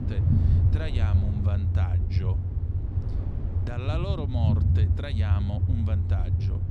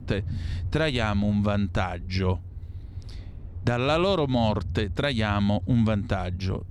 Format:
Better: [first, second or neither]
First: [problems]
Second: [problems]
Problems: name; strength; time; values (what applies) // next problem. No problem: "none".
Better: second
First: low rumble; loud; throughout; as loud as the speech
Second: low rumble; faint; throughout; 25 dB below the speech